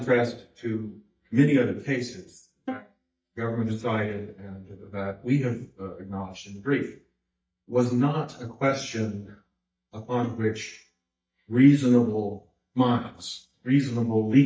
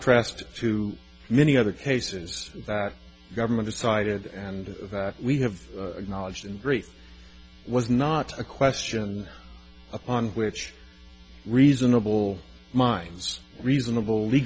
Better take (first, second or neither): second